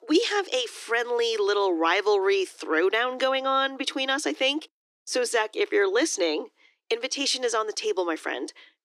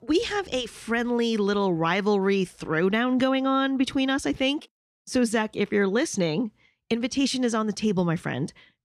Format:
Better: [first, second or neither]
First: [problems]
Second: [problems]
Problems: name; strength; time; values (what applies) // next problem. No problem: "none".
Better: second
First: thin; very; fading below 300 Hz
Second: none